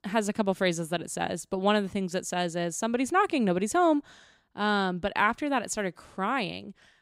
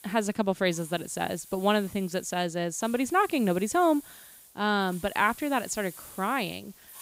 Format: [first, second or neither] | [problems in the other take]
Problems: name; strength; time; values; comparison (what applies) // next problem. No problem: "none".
first | hiss; noticeable; throughout; 20 dB below the speech